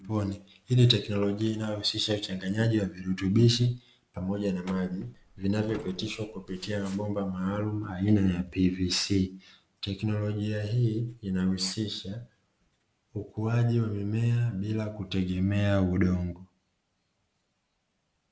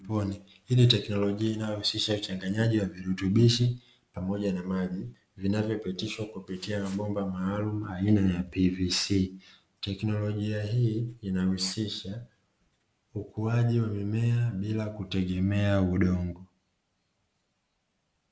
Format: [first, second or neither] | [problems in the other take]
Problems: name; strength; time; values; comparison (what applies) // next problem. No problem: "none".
second | background sound (Truck); 20 dB below the speech